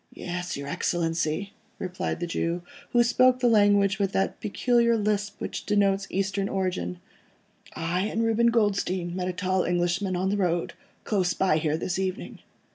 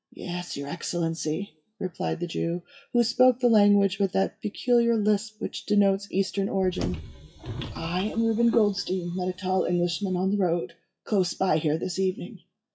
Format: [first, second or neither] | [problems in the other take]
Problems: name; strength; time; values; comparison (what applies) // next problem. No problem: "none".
first | noise reduction (classical method WPE with log-MMSE)